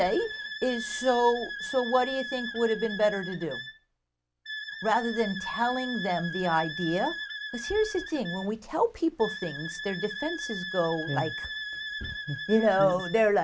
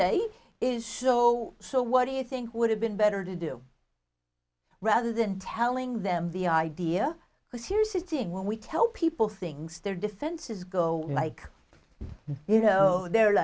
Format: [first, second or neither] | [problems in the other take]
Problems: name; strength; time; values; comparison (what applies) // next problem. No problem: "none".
second | background sound (Wind instrument, woodwind instrument); 9 dB below the speech